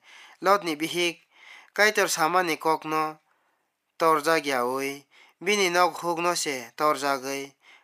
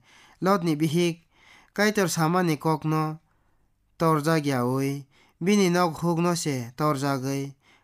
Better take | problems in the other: second | thin; very; fading below 500 Hz

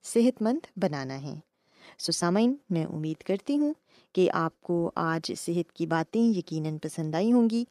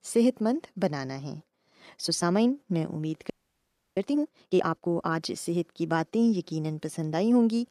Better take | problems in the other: first | audio freezing; at 3.5 s for 0.5 s

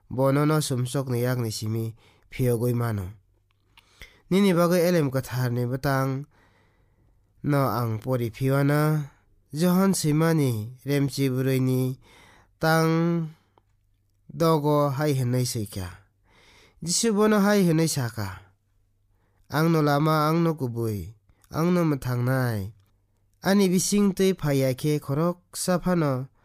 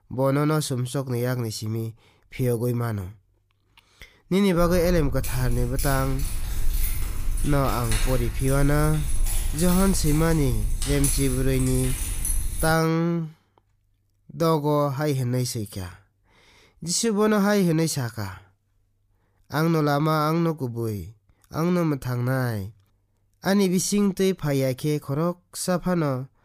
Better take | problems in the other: first | jangling keys; noticeable; from 4.5 to 13 s; peak level with the speech

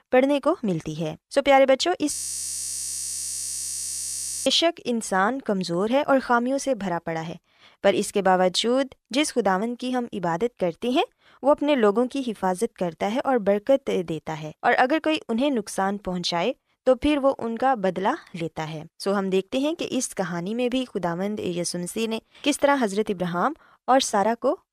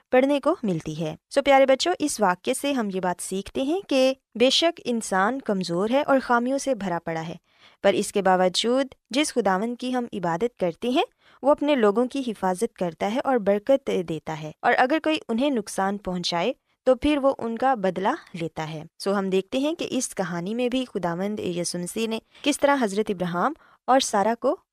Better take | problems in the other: second | audio freezing; at 2 s for 2.5 s

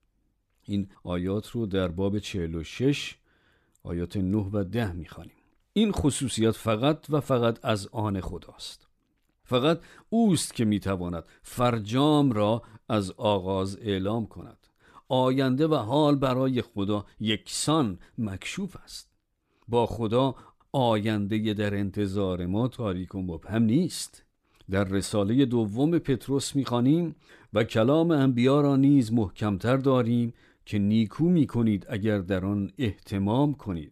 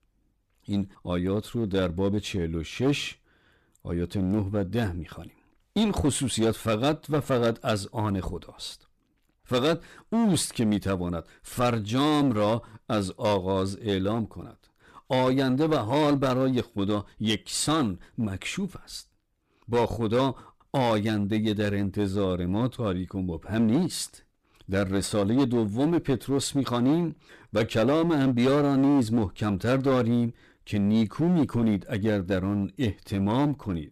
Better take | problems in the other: first | distortion; slight; 8% of the sound clipped

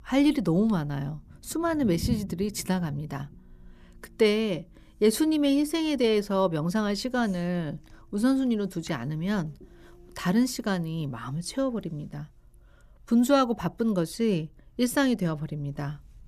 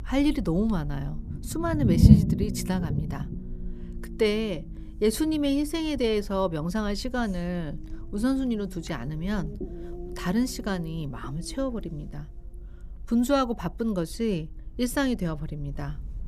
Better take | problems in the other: first | low rumble; loud; throughout; 6 dB below the speech; faint in the first

